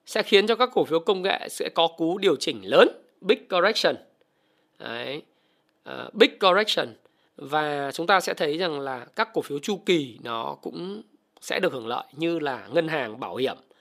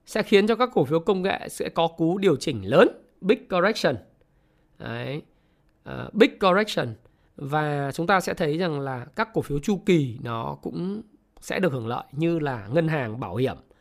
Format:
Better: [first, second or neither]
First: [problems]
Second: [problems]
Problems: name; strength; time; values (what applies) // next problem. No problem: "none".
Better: second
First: thin; somewhat; fading below 300 Hz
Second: none